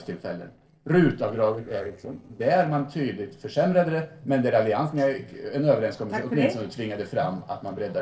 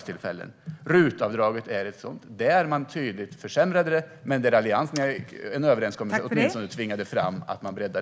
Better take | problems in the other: second | noise reduction (neural separator model SepFormer DNS4)

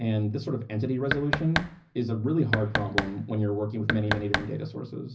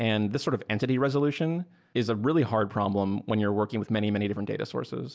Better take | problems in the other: second | background sound (Knock); 3 dB below the speech // room echo; dies away in 0.4 s

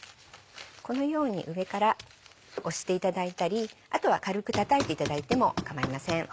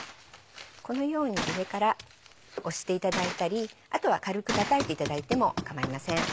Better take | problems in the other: first | background sound (Gunshot, gunfire); 9 dB below the speech

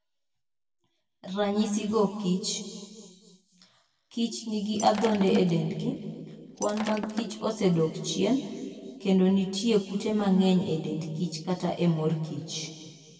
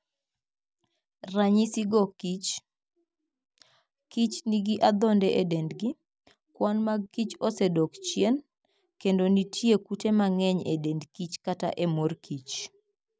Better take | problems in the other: second | background sound (Shatter); 13 dB below the speech // room echo; dies away in 2.1 s

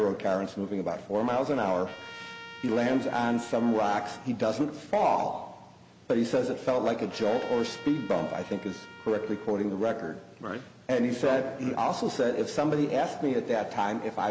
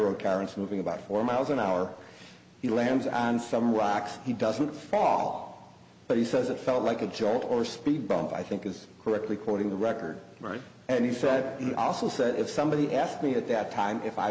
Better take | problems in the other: second | background sound (Trumpet); 18 dB below the speech

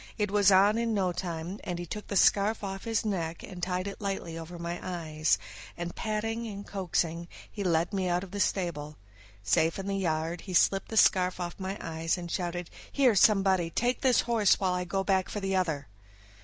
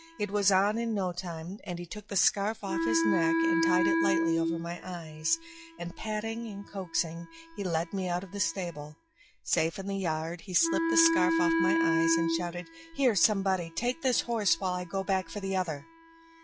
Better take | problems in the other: first | noise reduction (classical method log-MMSE)

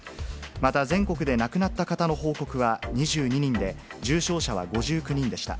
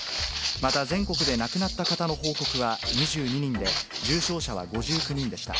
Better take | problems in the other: first | background sound (Walk, footsteps); 2 dB below the speech

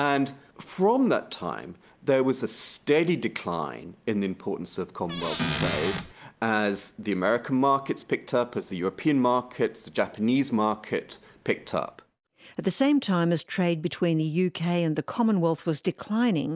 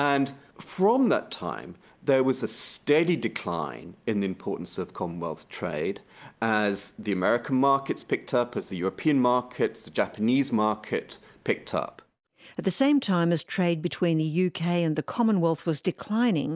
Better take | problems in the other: second | background sound (Squeak / Cupboard open or close); 4 dB below the speech

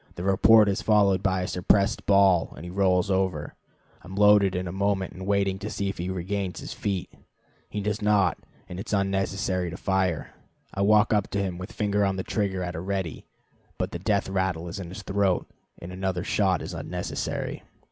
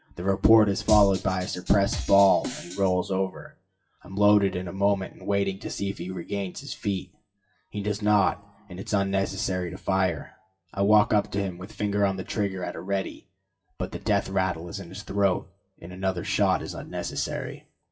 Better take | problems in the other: first | noise reduction (classical method WPE with log-MMSE)

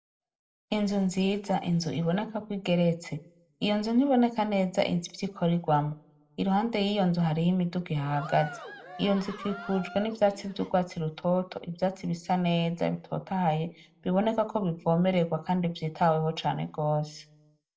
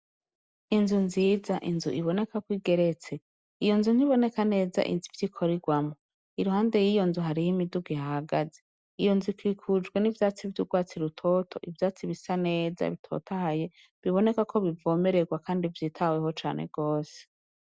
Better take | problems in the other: second | background sound (Cheering); 15 dB below the speech // room echo; dies away in 0.3 s

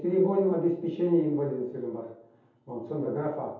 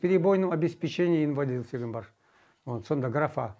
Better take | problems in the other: second | room echo; dies away in 0.7 s

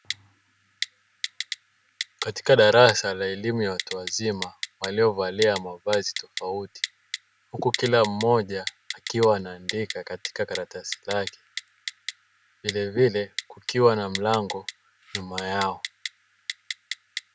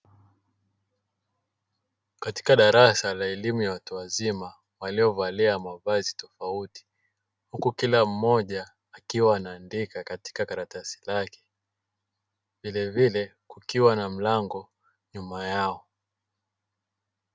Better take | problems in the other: second | background sound (Typing); 11 dB below the speech

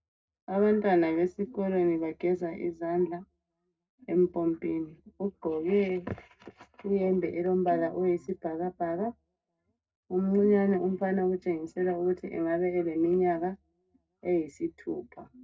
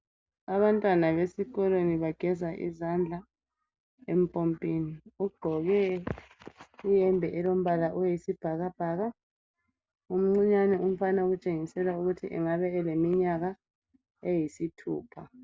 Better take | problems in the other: second | noise reduction (neural separator model SepFormer DNS4)

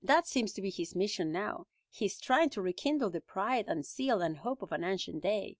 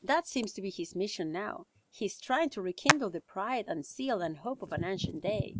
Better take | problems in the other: first | background sound (Hands); 4 dB below the speech

